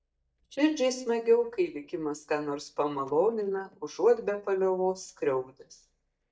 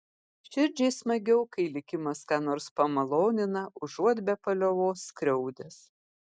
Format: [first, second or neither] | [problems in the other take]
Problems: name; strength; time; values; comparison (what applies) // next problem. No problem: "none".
second | noise reduction (neural mask model DeepFilterNet 3)